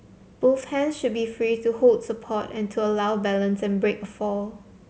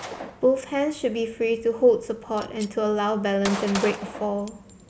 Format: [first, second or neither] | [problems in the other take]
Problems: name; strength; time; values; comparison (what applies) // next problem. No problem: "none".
first | background sound (Gunshot, gunfire); 14 dB below the speech